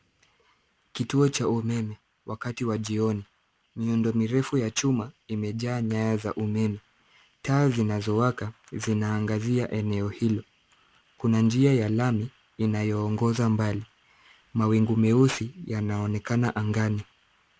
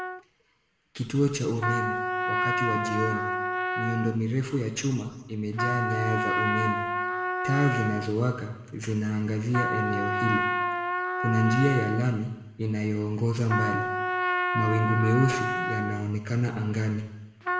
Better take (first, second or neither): first